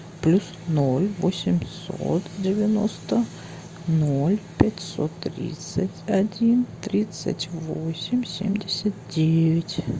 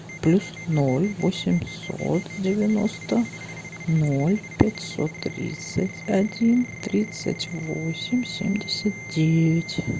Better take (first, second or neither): first